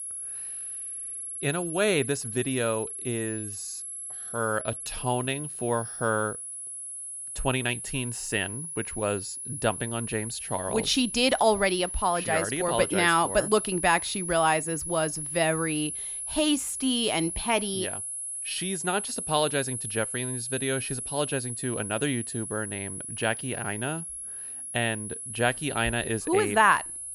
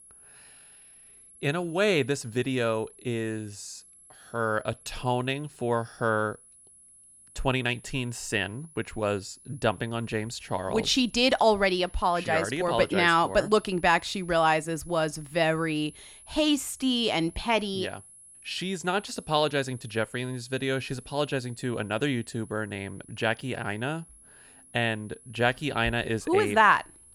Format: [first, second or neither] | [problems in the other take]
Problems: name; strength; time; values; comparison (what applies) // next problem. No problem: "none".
second | high-pitched whine; loud; throughout; 11 kHz, 5 dB below the speech; faint in the second